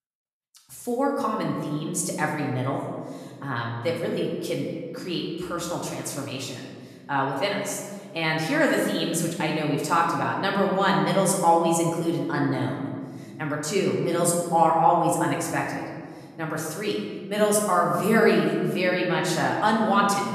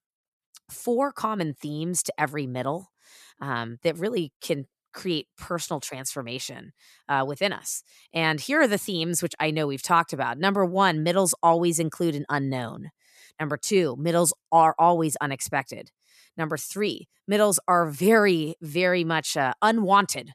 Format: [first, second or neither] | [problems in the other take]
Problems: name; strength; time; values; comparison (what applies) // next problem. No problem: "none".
second | room echo; noticeable; dies away in 1.7 s // off-mic speech; far